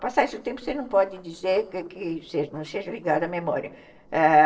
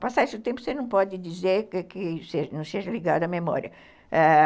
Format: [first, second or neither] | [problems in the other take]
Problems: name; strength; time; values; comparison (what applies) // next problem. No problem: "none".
second | noise reduction (neural separator model SepFormer DNS4)